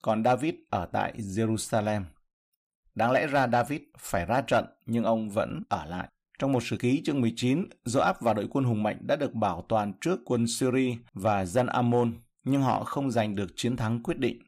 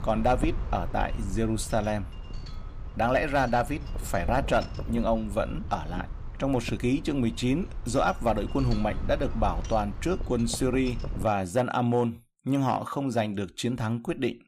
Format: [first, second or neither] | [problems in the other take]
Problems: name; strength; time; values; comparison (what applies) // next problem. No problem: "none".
first | wind noise on the microphone; occasional gusts; until 11 s; 15 dB below the speech